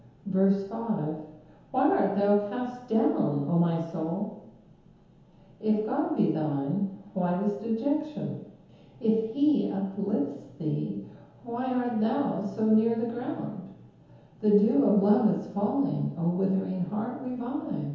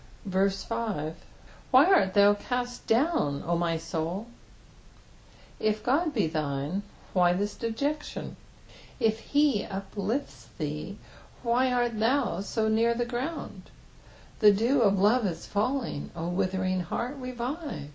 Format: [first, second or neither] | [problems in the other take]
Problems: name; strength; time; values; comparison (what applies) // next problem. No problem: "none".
second | room echo; dies away in 1 s